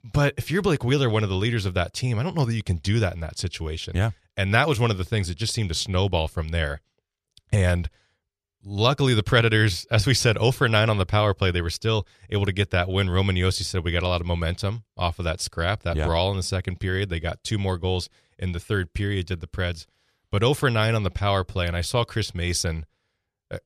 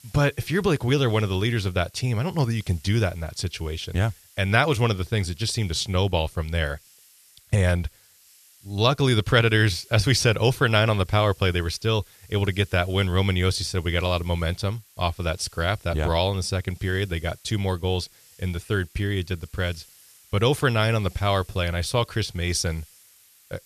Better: first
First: none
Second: hiss; faint; throughout; 25 dB below the speech

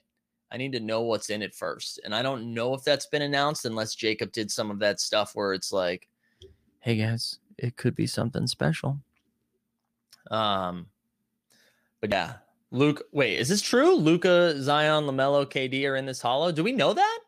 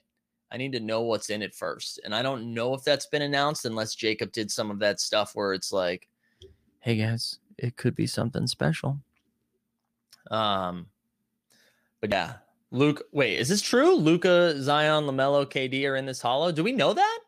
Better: neither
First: none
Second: none

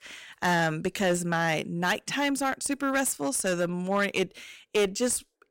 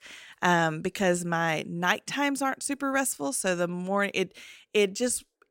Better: second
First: distortion; slight; 6% of the sound clipped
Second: none

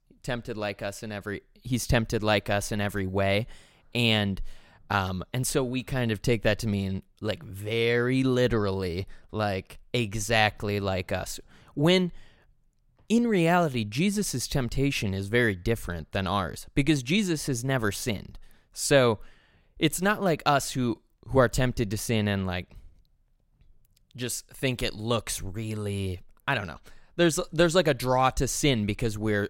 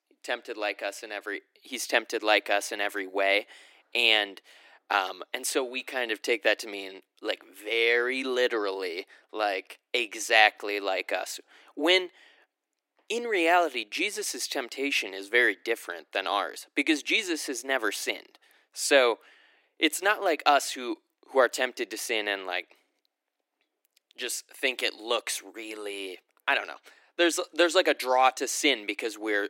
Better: first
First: none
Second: thin; very; fading below 300 Hz

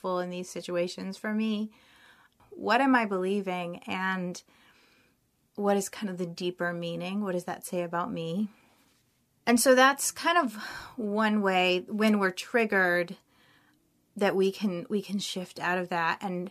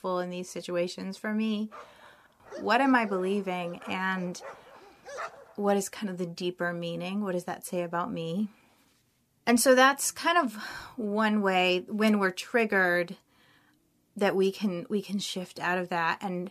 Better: first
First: none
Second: dog barking; faint; from 1.5 to 5.5 s; peak 10 dB below the speech

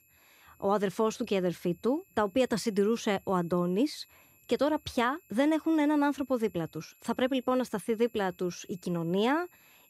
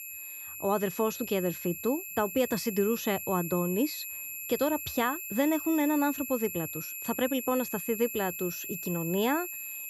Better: first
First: high-pitched whine; faint; throughout; 2.5 kHz, 30 dB below the speech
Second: high-pitched whine; loud; throughout; 2.5 kHz, 6 dB below the speech

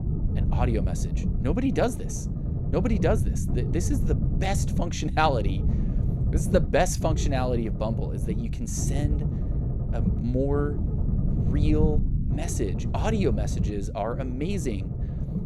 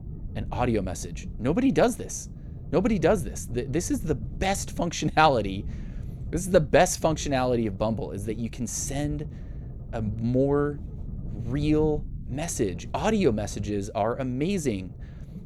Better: second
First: low rumble; loud; throughout; 9 dB below the speech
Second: low rumble; faint; throughout; 25 dB below the speech

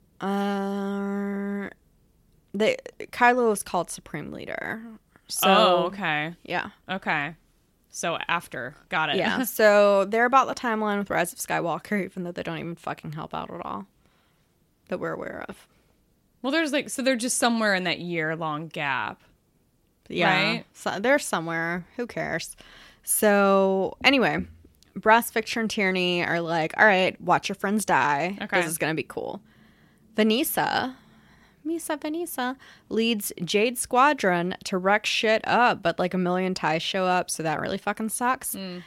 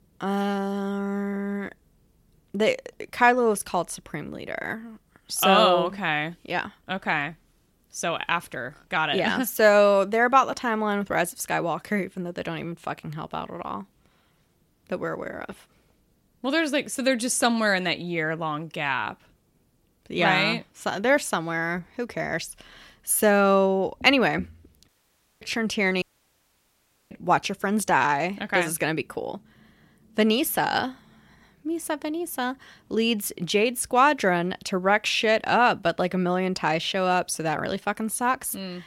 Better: first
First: none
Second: audio cutting out; at 25 s for 0.5 s and at 26 s for 1 s

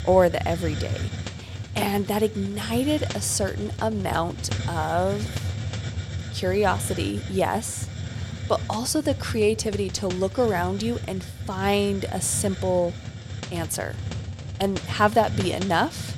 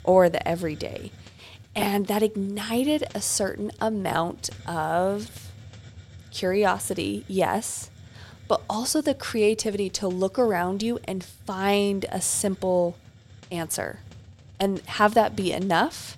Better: second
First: hiss; loud; throughout; 7 dB below the speech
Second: hiss; faint; throughout; 20 dB below the speech

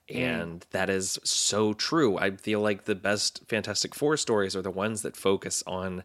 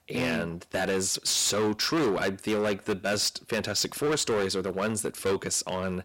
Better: first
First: none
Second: distortion; heavy; 15% of the sound clipped

